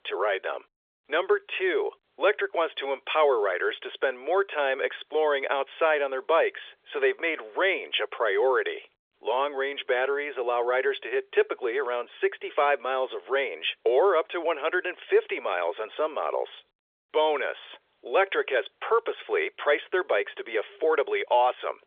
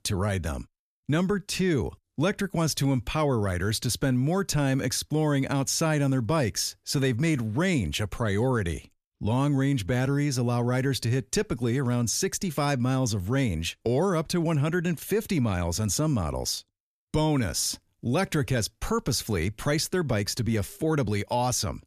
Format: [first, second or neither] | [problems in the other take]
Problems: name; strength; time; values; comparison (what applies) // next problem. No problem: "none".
second | phone-call audio; nothing above 3.5 kHz